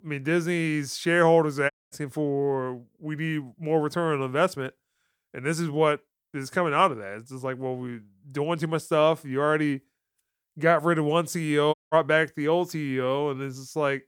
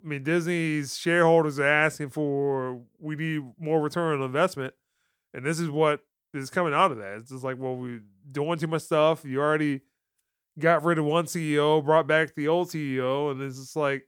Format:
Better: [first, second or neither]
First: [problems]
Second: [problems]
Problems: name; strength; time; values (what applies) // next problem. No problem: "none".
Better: second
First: audio cutting out; at 1.5 s and at 12 s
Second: none